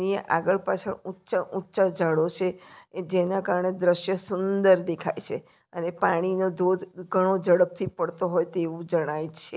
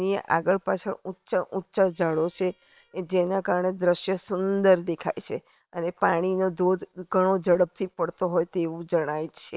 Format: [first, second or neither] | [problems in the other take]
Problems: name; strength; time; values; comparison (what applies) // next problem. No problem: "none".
first | noise reduction (neural separator model SepFormer WHAM!)